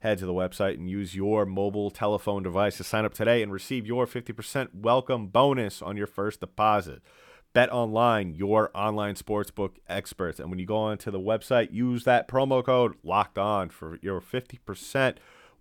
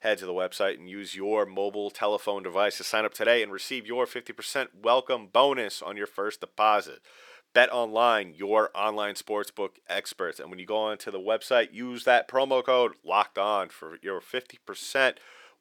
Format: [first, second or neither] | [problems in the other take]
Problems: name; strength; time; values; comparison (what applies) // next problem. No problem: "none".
first | thin; somewhat; fading below 450 Hz